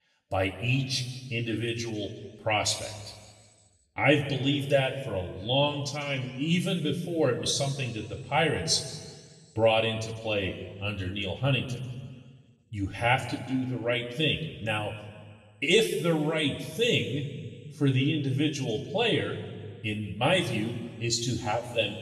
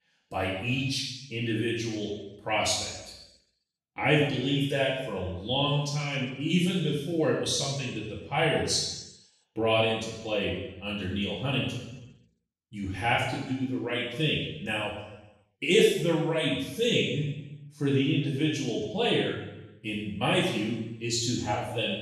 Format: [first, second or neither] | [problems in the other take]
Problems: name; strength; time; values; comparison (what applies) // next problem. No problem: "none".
first | room echo; strong; dies away in 0.9 s; slight in the first // off-mic speech; far; somewhat distant in the first